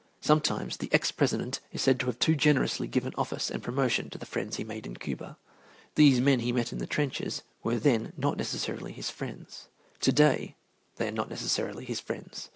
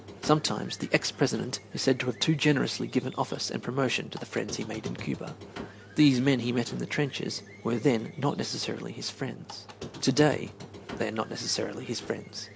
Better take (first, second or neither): first